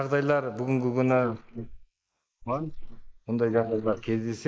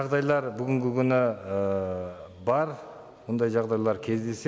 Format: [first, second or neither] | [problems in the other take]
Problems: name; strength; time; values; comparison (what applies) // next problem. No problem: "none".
second | noise reduction (neural mask model Resemble Enhance denoiser)